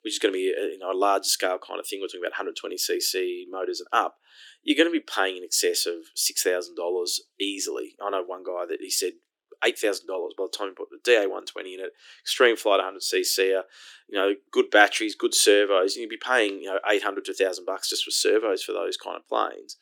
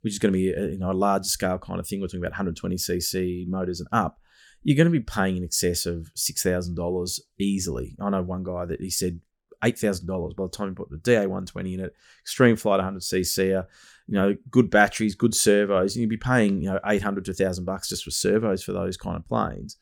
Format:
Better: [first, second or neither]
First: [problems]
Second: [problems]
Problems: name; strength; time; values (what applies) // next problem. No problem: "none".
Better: second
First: thin; very; fading below 300 Hz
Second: none